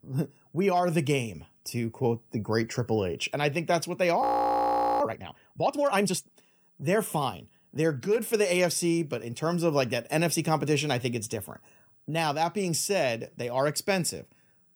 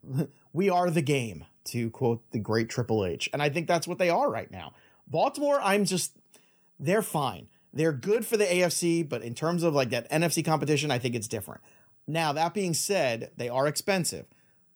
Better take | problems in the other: second | audio freezing; at 4 s for 1 s

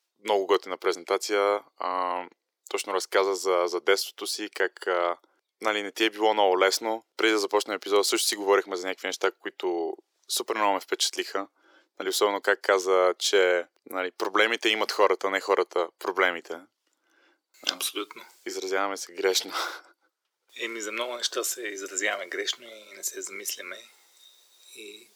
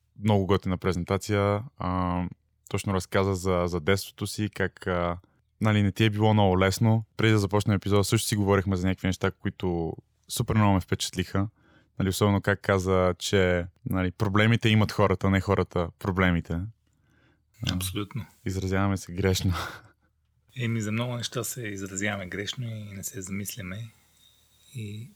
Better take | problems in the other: second | thin; very; fading below 350 Hz

